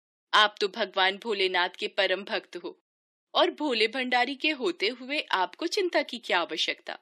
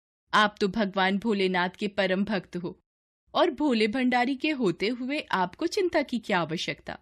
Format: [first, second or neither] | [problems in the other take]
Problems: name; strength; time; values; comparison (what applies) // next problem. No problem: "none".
second | thin; somewhat; fading below 300 Hz